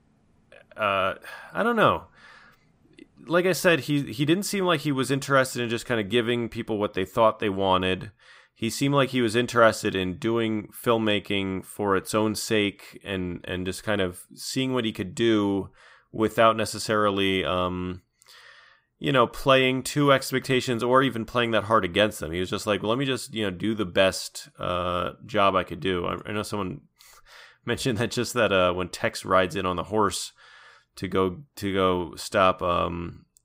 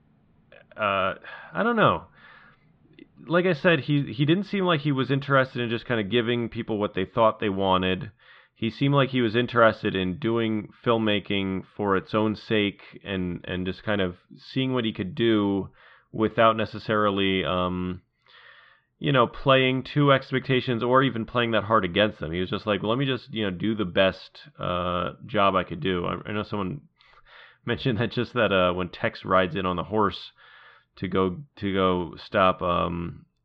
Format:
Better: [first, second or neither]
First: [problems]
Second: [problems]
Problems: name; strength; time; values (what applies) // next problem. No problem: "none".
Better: first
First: none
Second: muffled; slightly; fading above 3.5 kHz